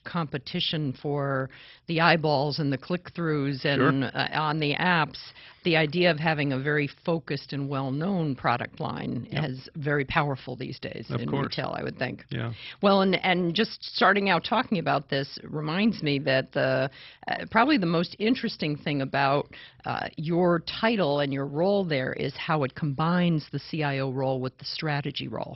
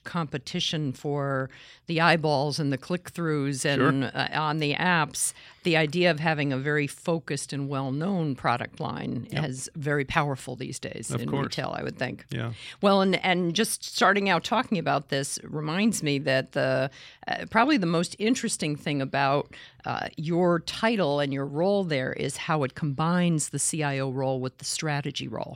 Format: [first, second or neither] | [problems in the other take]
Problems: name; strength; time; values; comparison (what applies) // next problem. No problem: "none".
second | garbled, watery; badly; nothing above 5.5 kHz